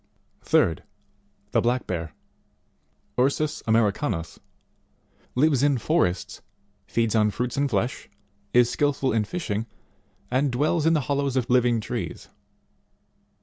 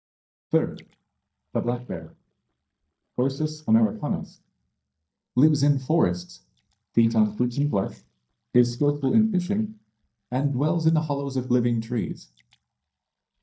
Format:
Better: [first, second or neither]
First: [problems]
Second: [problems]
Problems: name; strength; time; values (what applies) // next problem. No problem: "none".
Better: first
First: none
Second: noise reduction (neural mask model DeepFilterNet 3)